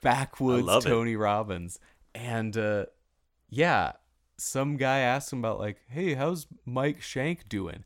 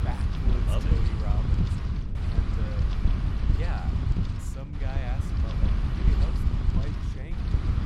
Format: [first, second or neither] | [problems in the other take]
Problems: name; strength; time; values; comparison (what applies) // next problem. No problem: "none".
first | wind noise on the microphone; heavy; 4 dB above the speech